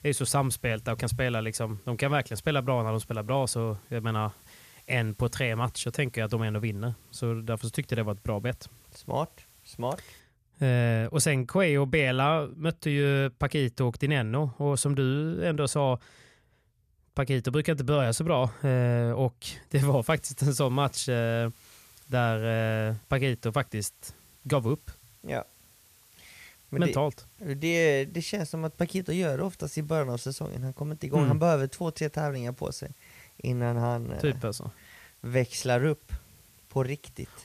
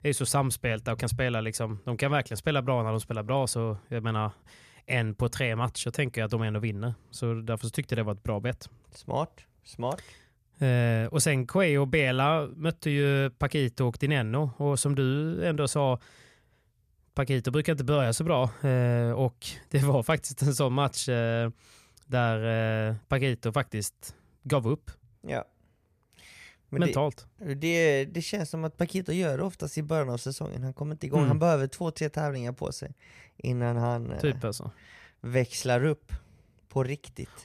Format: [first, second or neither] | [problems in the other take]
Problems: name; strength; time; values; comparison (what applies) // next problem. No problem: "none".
second | hiss; faint; until 10 s and from 20 s on; 25 dB below the speech